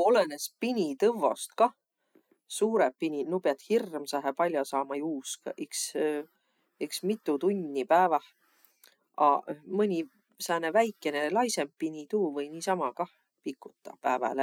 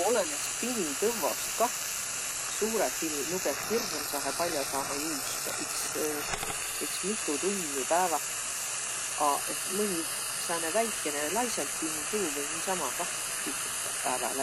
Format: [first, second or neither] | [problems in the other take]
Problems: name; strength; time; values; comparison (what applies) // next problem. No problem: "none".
first | background sound (Frying (food)); as loud as the speech